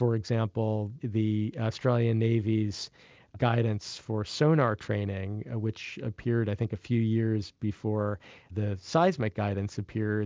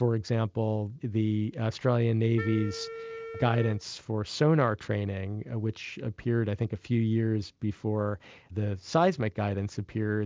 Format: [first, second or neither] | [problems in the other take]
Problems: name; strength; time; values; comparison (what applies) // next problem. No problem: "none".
first | background sound (Wind instrument, woodwind instrument); 13 dB below the speech